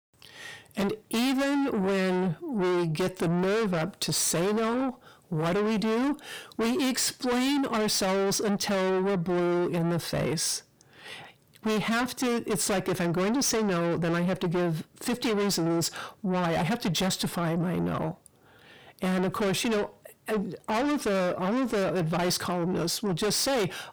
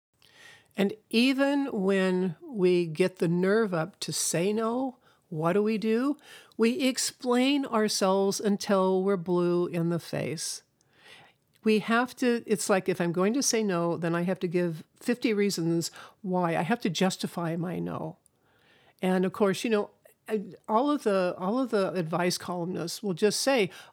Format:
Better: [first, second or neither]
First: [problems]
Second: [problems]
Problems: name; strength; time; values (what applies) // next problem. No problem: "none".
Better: second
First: distortion; heavy; 5 dB below the speech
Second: none